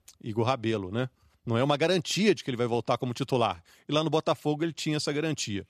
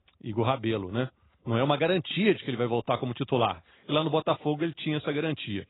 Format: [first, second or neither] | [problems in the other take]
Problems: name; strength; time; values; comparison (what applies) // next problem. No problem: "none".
first | garbled, watery; badly; nothing above 4 kHz